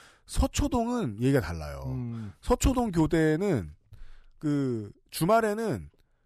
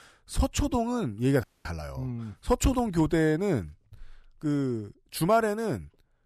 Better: first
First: none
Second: audio freezing; at 1.5 s

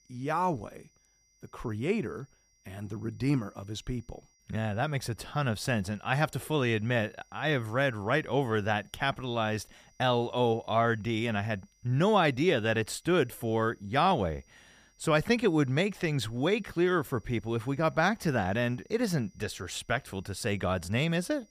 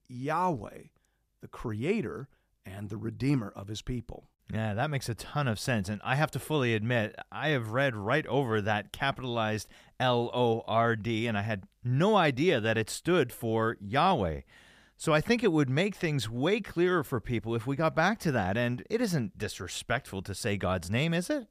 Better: second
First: high-pitched whine; faint; throughout; 6 kHz, 35 dB below the speech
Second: none

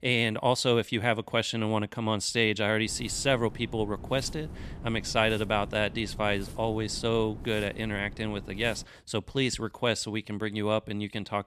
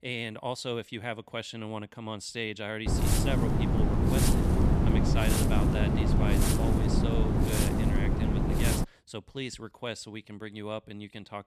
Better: first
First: wind noise on the microphone; occasional gusts; from 3 to 9 s; 20 dB below the speech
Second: wind noise on the microphone; heavy; from 3 to 9 s; 4 dB above the speech

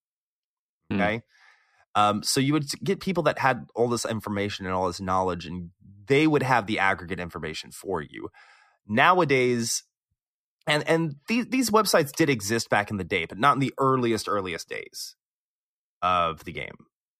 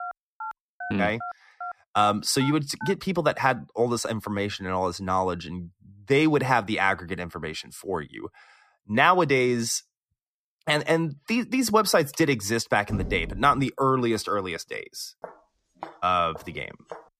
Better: first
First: none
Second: phone ringing; faint; until 3 s; peak 15 dB below the speech // door banging; noticeable; at 13 s; peak 9 dB below the speech // footsteps; faint; from 15 s on; peak 20 dB below the speech

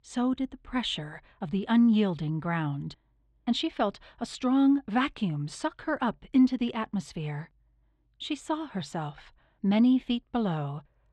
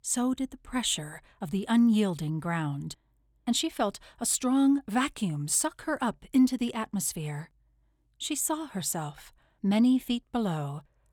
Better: second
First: muffled; slightly; fading above 4 kHz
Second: none

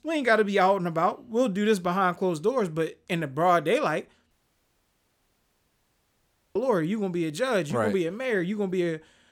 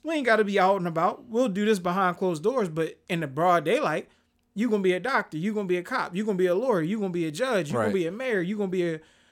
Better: second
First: audio cutting out; at 4.5 s for 2 s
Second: none

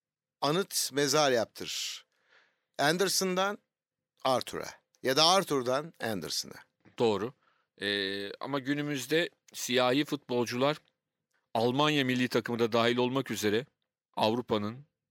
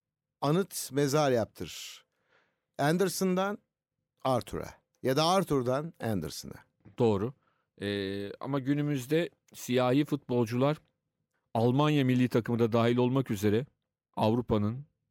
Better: second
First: thin; very slightly; fading below 400 Hz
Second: none

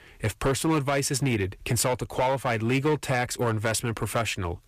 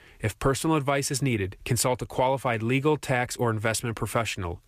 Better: second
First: distortion; slight; 8% of the sound clipped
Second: none

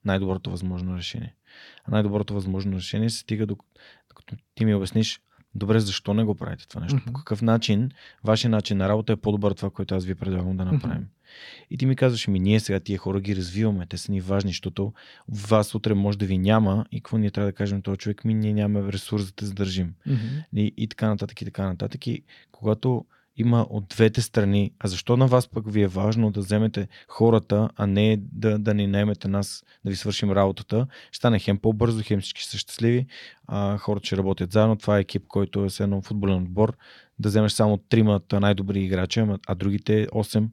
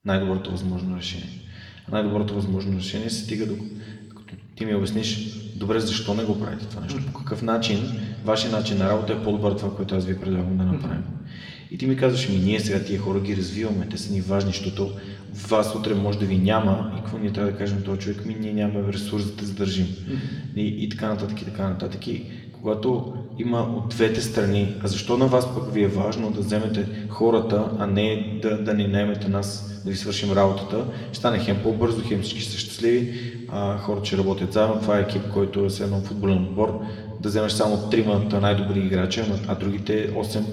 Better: first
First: none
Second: room echo; slight; dies away in 1.8 s // off-mic speech; somewhat distant

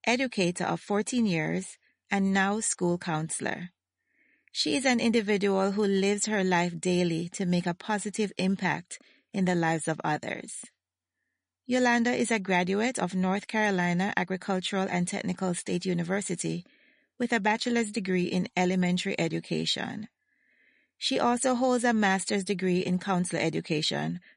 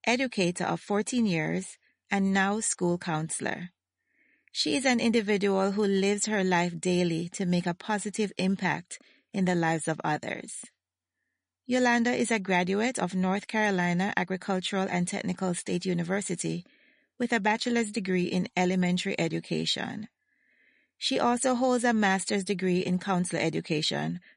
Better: neither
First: garbled, watery; slightly; nothing above 10.5 kHz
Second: garbled, watery; slightly; nothing above 10.5 kHz

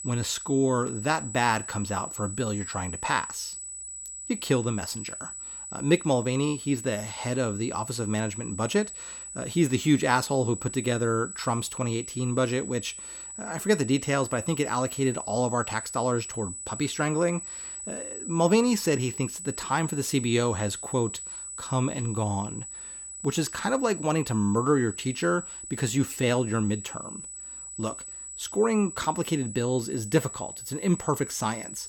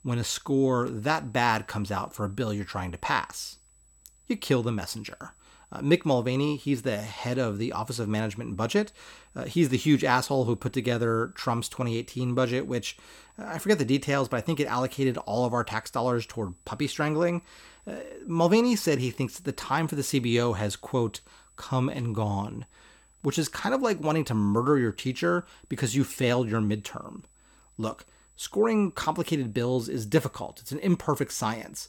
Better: second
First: high-pitched whine; loud; throughout; 8 kHz, 9 dB below the speech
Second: high-pitched whine; faint; throughout; 8 kHz, 30 dB below the speech

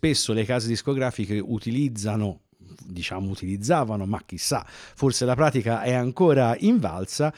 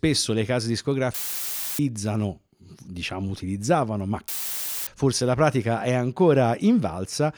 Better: first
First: none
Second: audio cutting out; filled with static; at 1 s for 0.5 s and at 4.5 s for 0.5 s

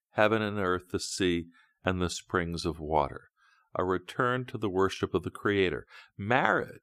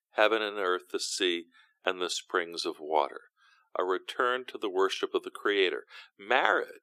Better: first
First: none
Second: thin; somewhat; fading below 350 Hz

